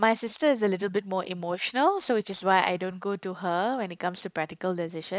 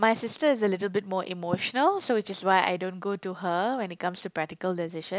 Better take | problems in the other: second | noise reduction (neural mask model Resemble Enhance denoiser)

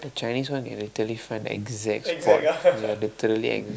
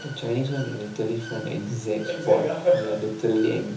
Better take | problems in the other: first | background sound (Water / Bird); 18 dB below the speech // room echo; dies away in 0.7 s

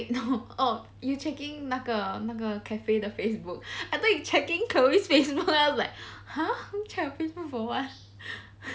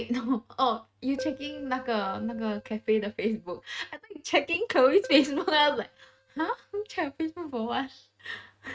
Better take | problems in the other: first | noise reduction (neural mask model RNNoise)

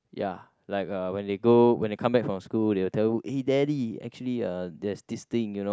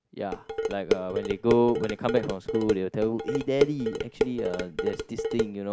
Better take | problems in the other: first | background sound (Dishes, pots, and pans); 2 dB below the speech

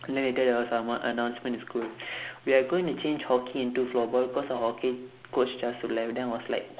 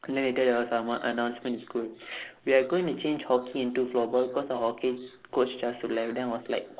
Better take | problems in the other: first | noise reduction (neural separator model SepFormer DNS4)

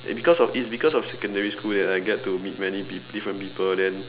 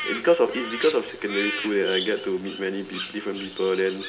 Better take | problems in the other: first | background sound (Crow); 9 dB below the speech // room echo; dies away in 0.3 s

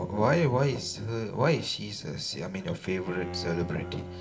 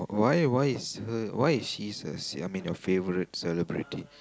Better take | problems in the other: second | background sound (Bowed string instrument); 13 dB below the speech // room echo; dies away in 0.6 s

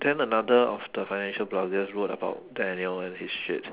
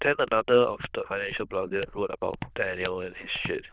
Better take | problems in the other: first | noise reduction (neural diffusion model UNIVERSE++)

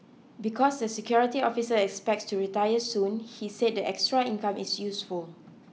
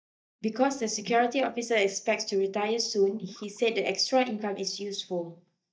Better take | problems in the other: first | noise reduction (neural mask model DeepFilterNet 3)

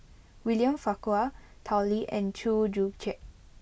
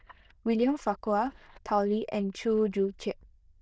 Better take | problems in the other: first | noise reduction (neural diffusion model UNIVERSE++)

